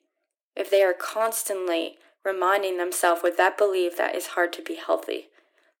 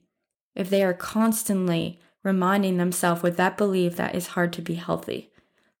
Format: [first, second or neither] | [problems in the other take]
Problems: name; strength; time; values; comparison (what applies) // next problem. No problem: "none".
second | thin; very; fading below 300 Hz